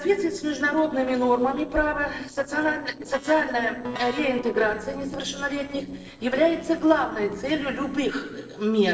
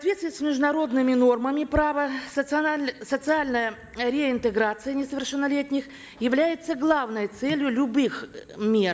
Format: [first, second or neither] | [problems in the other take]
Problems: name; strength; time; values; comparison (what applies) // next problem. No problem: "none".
second | noise reduction (neural separator model SepFormer DNS4)